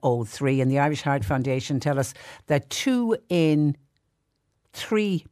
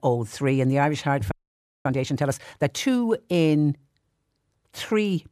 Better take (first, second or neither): first